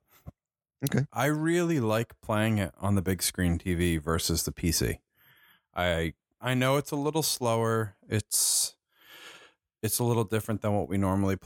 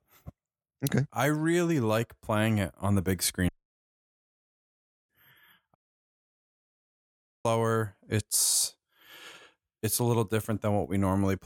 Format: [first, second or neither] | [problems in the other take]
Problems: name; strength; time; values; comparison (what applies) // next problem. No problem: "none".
first | audio cutting out; at 3.5 s for 1.5 s and at 6 s for 1.5 s